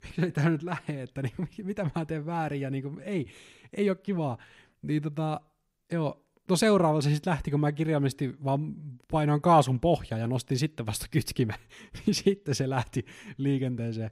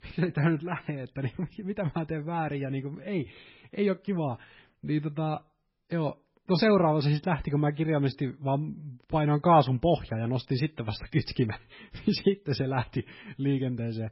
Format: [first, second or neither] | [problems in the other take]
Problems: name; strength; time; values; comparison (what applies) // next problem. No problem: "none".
first | garbled, watery; badly; nothing above 5.5 kHz